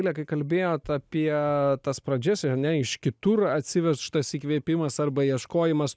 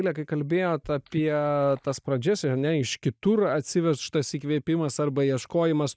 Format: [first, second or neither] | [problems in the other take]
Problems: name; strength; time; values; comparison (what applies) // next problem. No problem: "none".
first | noise reduction (neural mask model DeepFilterNet 3)